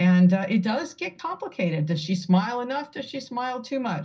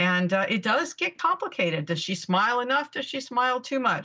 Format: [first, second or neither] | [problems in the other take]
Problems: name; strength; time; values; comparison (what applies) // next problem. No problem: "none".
second | room echo; dies away in 0.5 s